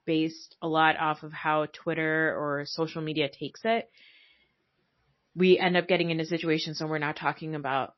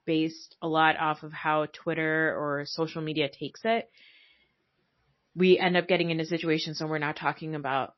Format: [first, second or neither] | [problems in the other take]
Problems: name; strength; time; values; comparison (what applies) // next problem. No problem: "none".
neither | garbled, watery; slightly; nothing above 5.5 kHz; the same in both